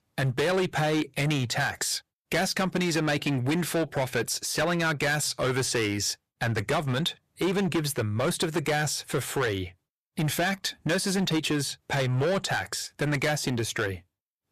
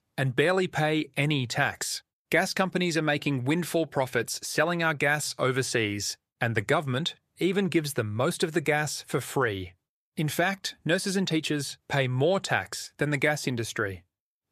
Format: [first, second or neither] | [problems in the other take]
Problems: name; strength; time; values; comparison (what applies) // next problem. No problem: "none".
second | distortion; heavy; 15% of the sound clipped